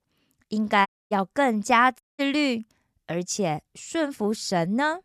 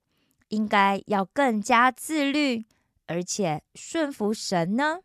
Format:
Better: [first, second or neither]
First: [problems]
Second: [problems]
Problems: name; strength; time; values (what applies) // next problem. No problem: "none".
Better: second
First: audio cutting out; at 1 s and at 2 s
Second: none